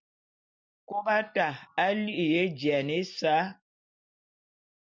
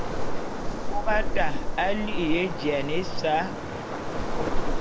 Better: first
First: none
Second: background sound (Waves, surf); 4 dB above the speech

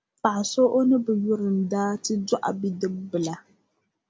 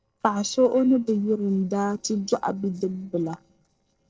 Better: first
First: none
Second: noise reduction (neural separator model SepFormer DNS4)

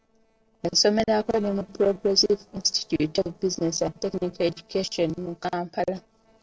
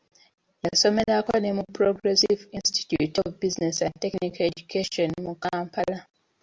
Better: second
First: noise reduction (neural separator model SepFormer DNS4)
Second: none

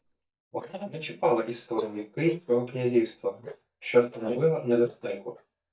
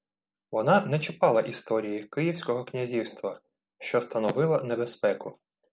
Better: second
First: noise reduction (neural mask model DeepFilterNet 3)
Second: none

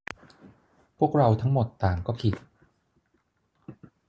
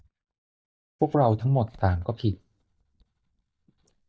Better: first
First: none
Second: noise reduction (neural mask model DeepFilterNet 3)

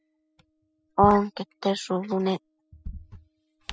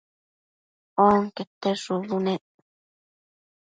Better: second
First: noise reduction (classical method spectral subtraction)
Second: none

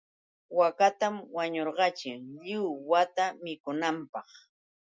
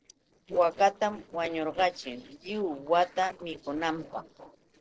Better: first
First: none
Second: noise reduction (neural separator model SepFormer DNS4)

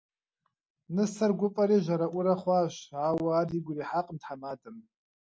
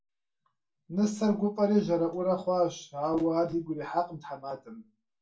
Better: first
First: none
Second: room echo; dies away in 0.2 s

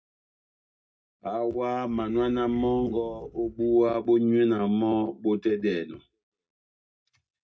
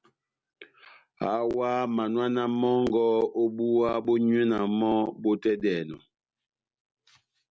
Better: second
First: noise reduction (neural mask model DeepFilterNet 3)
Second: none

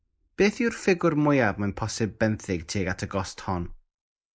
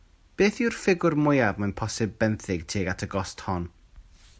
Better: second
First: noise reduction (neural mask model Resemble Enhance denoiser)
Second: none

